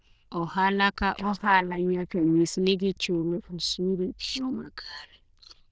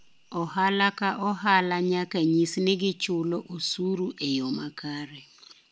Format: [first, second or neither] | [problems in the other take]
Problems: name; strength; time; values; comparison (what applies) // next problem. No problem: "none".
second | noise reduction (neural diffusion model UNIVERSE++)